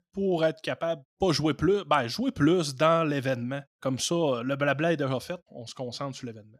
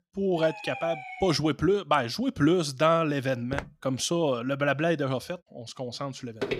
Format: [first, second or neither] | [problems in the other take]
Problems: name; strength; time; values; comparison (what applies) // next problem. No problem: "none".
first | siren; faint; until 1.5 s; peak 10 dB below the speech // footsteps; faint; at 3.5 s; peak 10 dB below the speech // footsteps; noticeable; at 6.5 s; peak 6 dB below the speech